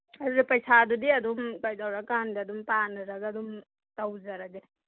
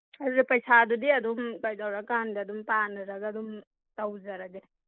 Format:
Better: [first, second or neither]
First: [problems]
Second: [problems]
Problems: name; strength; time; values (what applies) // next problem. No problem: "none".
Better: first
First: none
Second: noise reduction (neural mask model Resemble Enhance denoiser)